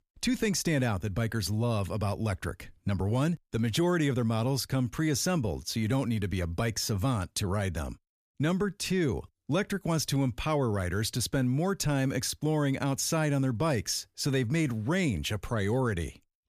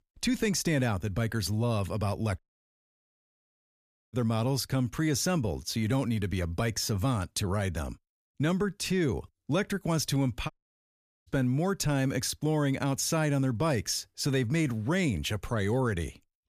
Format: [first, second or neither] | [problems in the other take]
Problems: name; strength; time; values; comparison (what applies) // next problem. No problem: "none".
first | audio cutting out; at 2.5 s for 1.5 s and at 11 s for 1 s